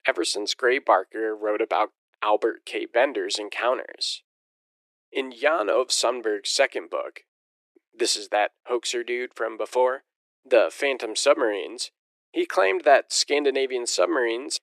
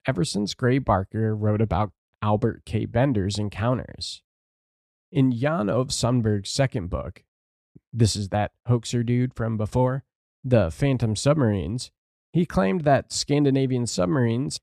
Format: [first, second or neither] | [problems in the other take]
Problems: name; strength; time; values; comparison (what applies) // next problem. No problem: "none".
second | thin; very; fading below 350 Hz